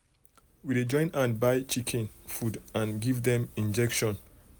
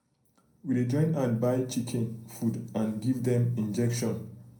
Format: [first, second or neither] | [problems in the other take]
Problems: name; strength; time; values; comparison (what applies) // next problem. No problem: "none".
first | room echo; dies away in 0.5 s